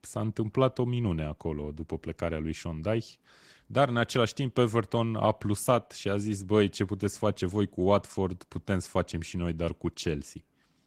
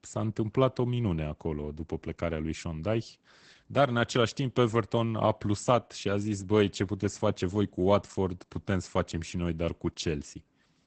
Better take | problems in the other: first | garbled, watery; badly; nothing above 8 kHz; slightly in the first

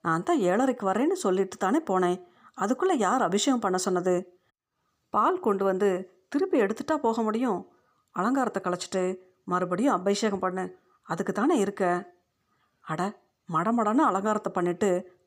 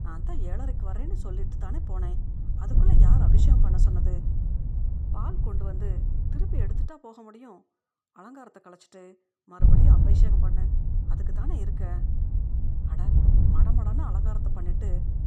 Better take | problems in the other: first | wind noise on the microphone; heavy; until 7 s and from 9.5 s on; 3 dB above the speech

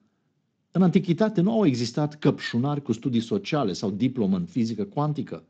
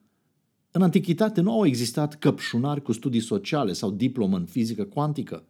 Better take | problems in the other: second | garbled, watery; slightly; nothing above 7.5 kHz

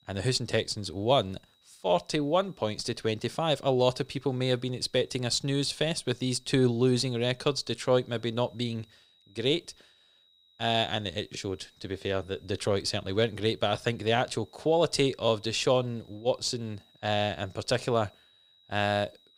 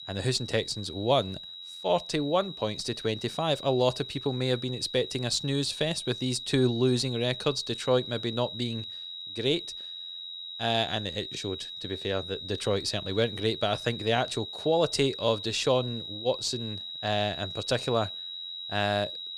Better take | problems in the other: first | high-pitched whine; loud; throughout; 4 kHz, 8 dB below the speech; faint in the first

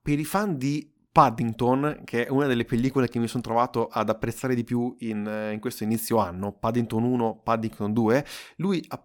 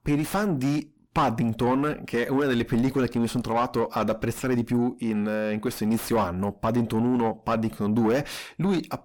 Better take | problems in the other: first | distortion; heavy; 6 dB below the speech

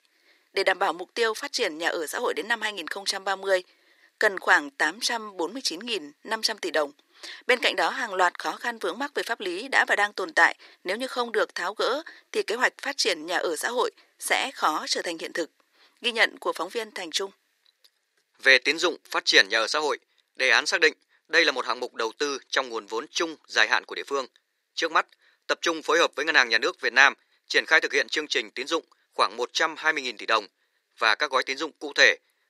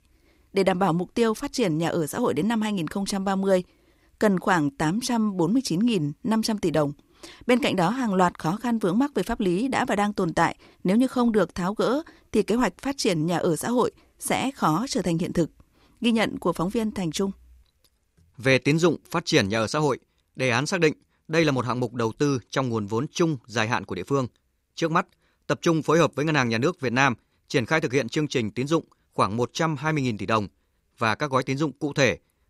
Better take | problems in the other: second | thin; very; fading below 400 Hz

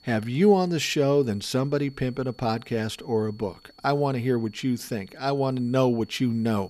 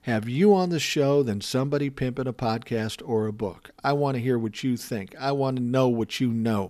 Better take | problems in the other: second | high-pitched whine; faint; throughout; 4.5 kHz, 30 dB below the speech

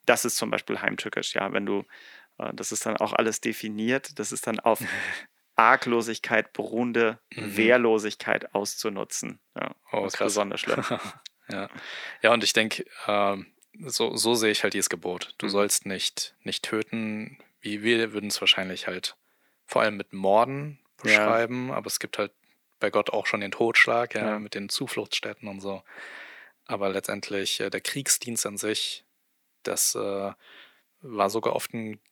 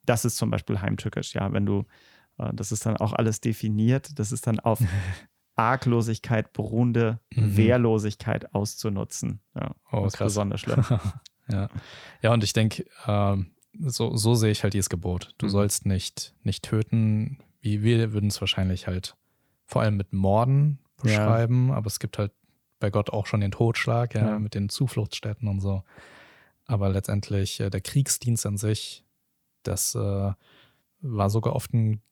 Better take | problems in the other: second | thin; somewhat; fading below 300 Hz

